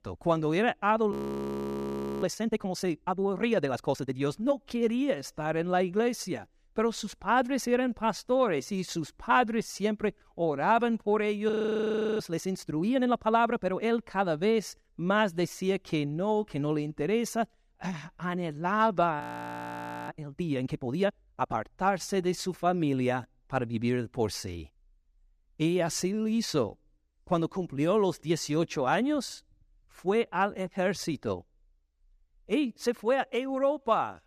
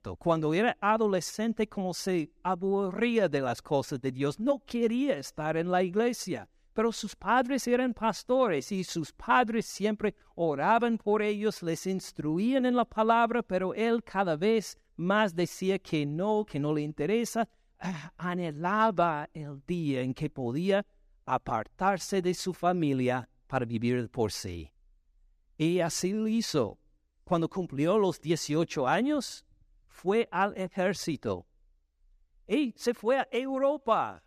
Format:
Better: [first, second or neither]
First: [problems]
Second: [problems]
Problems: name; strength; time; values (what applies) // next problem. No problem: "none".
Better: second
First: audio freezing; at 1 s for 1 s, at 12 s for 0.5 s and at 19 s for 1 s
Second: none